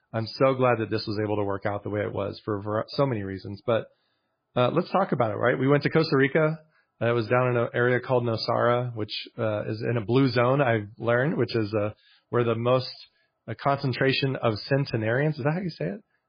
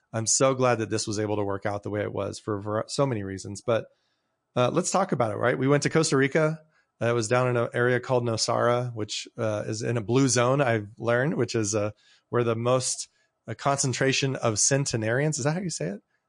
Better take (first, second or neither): second